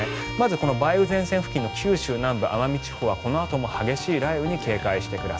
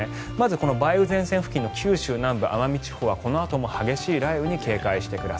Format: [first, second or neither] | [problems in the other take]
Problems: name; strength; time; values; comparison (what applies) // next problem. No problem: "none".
second | background sound (Bowed string instrument); 14 dB below the speech